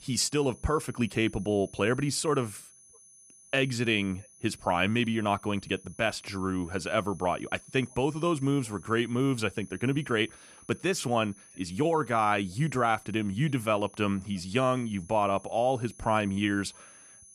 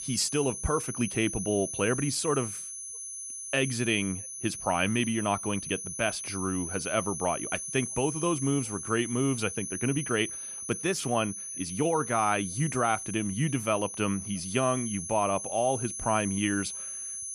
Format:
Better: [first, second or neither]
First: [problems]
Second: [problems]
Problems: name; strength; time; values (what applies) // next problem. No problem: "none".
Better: first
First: high-pitched whine; faint; throughout; 10 kHz, 25 dB below the speech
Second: high-pitched whine; loud; throughout; 10 kHz, 6 dB below the speech